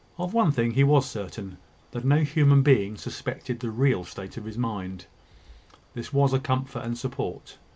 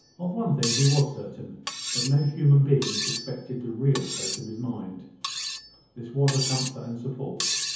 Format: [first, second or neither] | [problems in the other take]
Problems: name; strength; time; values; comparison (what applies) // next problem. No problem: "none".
first | background sound (Cutlery, silverware); 7 dB below the speech // room echo; dies away in 0.7 s